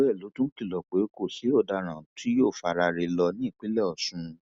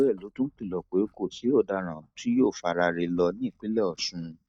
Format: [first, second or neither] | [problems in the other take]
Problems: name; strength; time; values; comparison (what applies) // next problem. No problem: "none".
first | noise reduction (neural mask model DeepFilterNet 3)